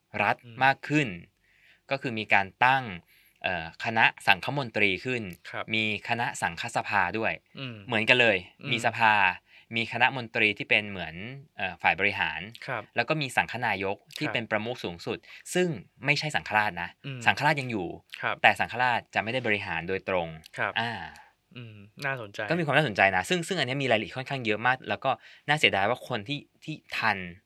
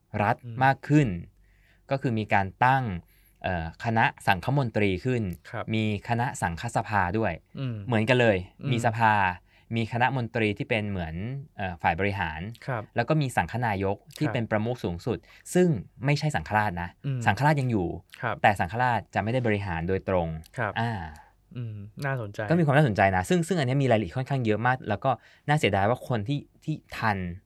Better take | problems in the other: second | thin; very slightly; fading below 250 Hz

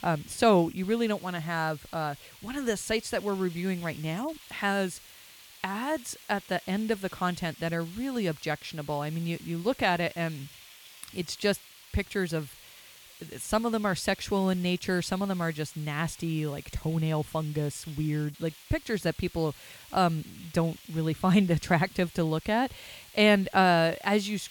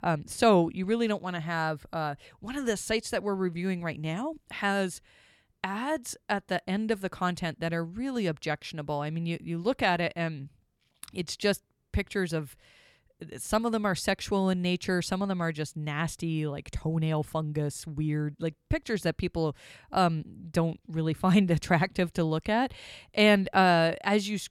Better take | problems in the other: second | hiss; noticeable; throughout; 20 dB below the speech

